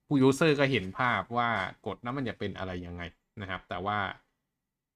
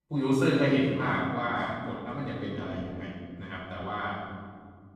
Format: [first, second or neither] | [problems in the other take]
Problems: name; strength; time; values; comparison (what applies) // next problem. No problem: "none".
first | off-mic speech; far // room echo; strong; dies away in 2.4 s